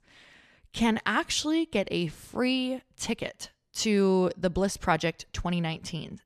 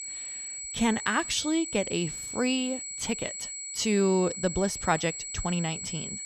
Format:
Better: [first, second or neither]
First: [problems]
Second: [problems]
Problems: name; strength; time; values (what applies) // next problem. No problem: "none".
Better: first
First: none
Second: high-pitched whine; loud; throughout; 8 kHz, 6 dB below the speech